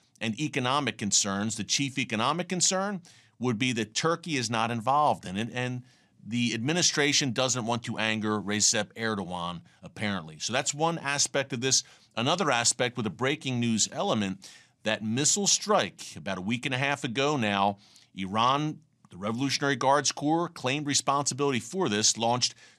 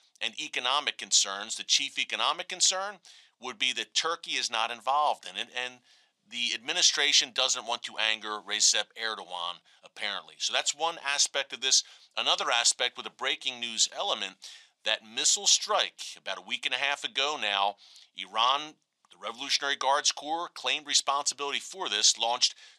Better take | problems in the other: first | thin; very; fading below 700 Hz

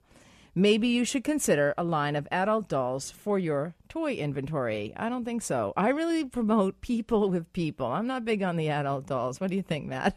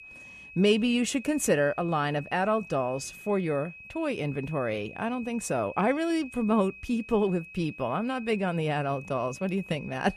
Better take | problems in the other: first | high-pitched whine; noticeable; throughout; 2.5 kHz, 15 dB below the speech

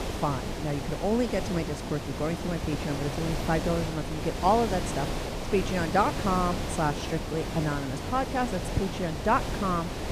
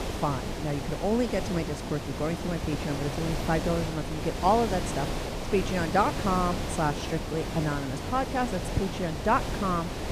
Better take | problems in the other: neither | wind noise on the microphone; heavy; 6 dB below the speech; the same in both

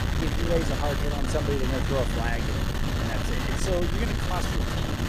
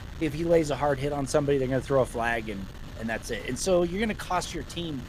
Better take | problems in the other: second | wind noise on the microphone; heavy; as loud as the speech; occasional gusts in the second

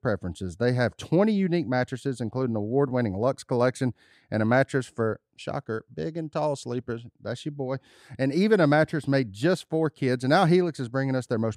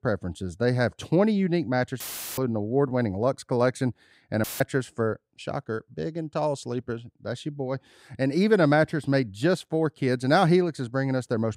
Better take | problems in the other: first | audio cutting out; filled with static; at 2 s and at 4.5 s

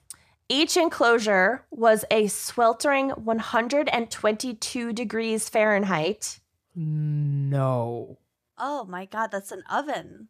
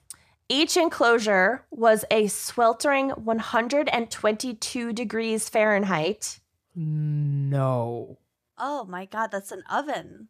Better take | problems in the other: neither | none

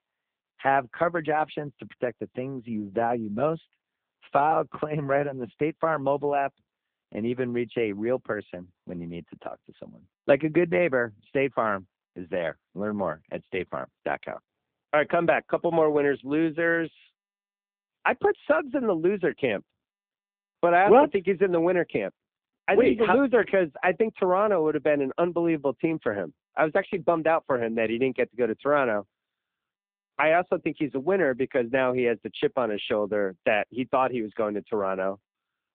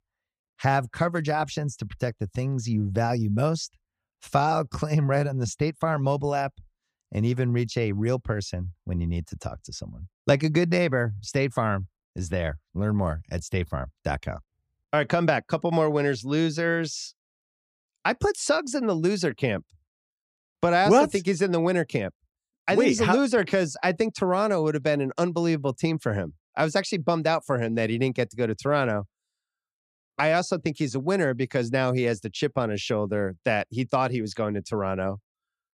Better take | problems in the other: second | phone-call audio; poor line

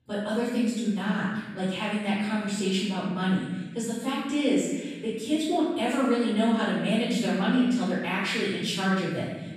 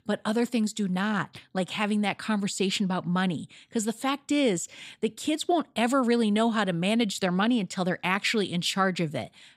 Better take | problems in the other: second | off-mic speech; far // room echo; strong; dies away in 1.2 s

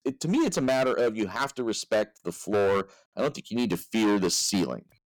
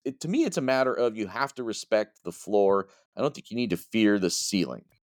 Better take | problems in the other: second | distortion; heavy; 12% of the sound clipped

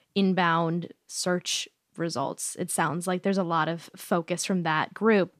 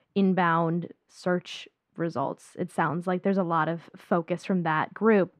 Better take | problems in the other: first | muffled; very; fading above 3.5 kHz

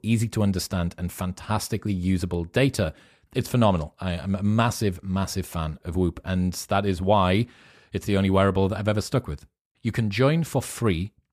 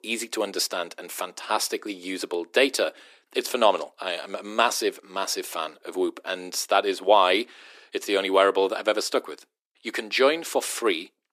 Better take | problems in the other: first | thin; very; fading below 300 Hz

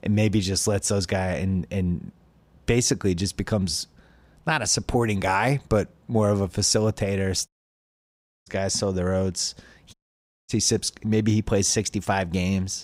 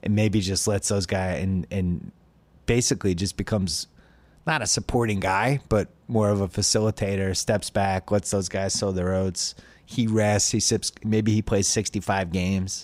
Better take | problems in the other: second | audio cutting out; at 7.5 s for 1 s and at 10 s for 0.5 s

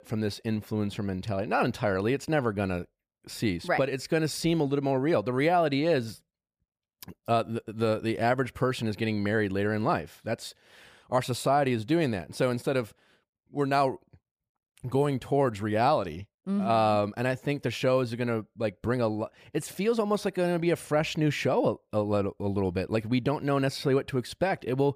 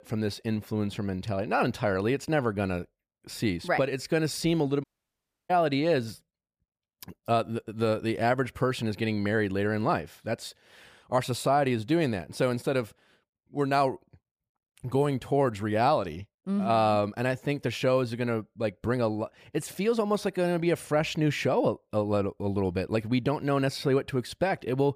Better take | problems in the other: first | audio cutting out; at 5 s for 0.5 s

